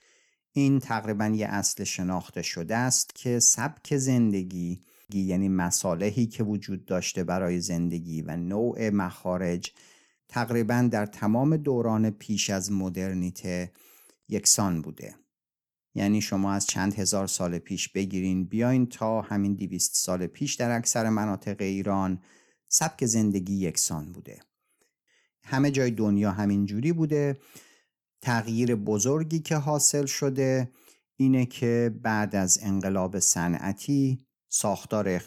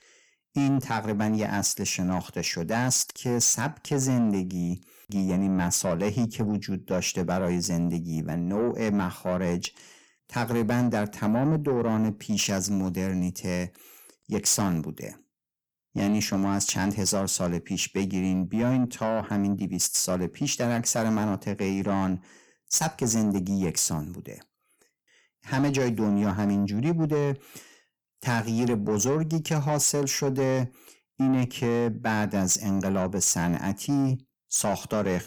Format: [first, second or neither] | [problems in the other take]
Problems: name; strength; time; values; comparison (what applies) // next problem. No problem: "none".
first | distortion; slight; 10 dB below the speech